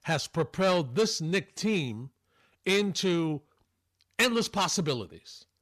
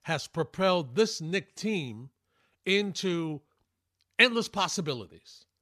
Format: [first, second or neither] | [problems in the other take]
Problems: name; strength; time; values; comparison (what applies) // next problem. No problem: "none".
second | distortion; heavy; 8 dB below the speech